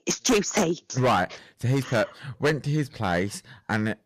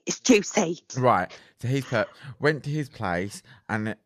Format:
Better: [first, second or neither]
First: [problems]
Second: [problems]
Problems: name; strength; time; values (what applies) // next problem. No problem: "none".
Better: second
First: distortion; heavy; 7% of the sound clipped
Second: none